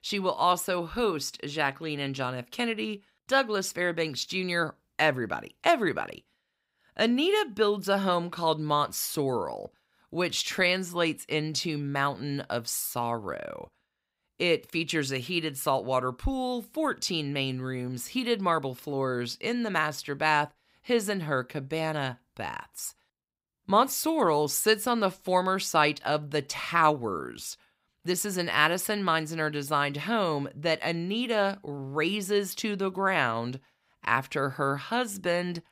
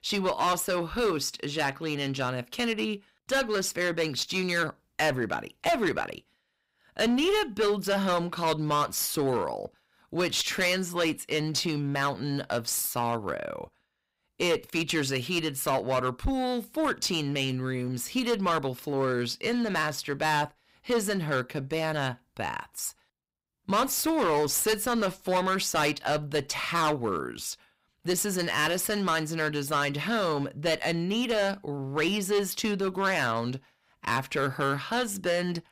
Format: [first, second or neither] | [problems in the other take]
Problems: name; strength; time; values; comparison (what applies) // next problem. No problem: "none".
first | distortion; heavy; 9% of the sound clipped